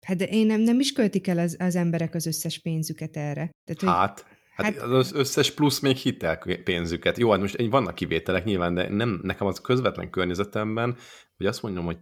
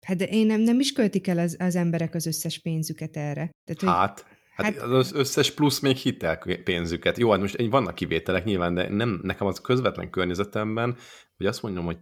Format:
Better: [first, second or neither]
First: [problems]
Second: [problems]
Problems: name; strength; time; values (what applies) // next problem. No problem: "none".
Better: neither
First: none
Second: none